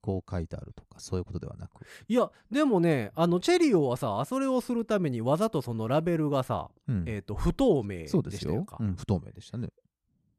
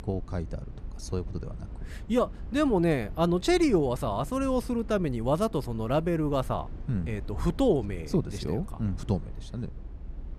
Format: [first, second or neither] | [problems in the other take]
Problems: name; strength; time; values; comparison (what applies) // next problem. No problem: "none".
first | low rumble; faint; throughout; 25 dB below the speech